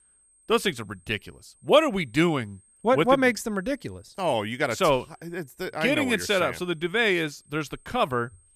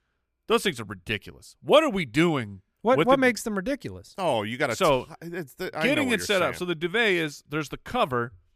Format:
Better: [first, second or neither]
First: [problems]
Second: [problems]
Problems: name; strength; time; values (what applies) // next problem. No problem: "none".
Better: second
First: high-pitched whine; faint; throughout; 8.5 kHz, 35 dB below the speech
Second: none